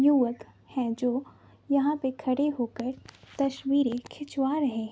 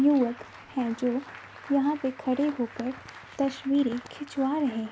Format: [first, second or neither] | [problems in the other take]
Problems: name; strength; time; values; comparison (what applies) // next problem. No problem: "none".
first | background sound (Applause); 19 dB below the speech